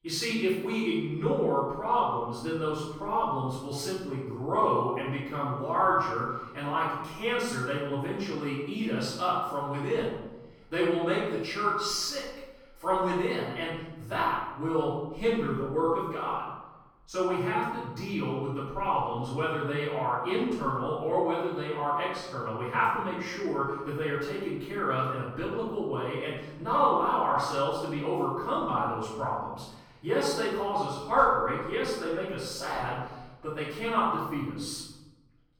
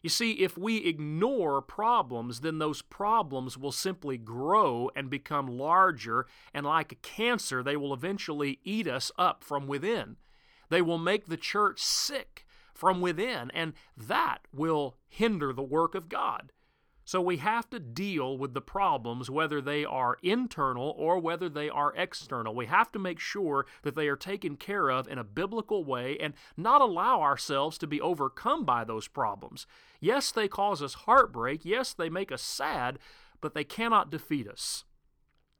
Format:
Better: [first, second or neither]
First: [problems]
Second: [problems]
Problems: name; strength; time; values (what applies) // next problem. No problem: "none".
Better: second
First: off-mic speech; far // room echo; strong; dies away in 1.1 s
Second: none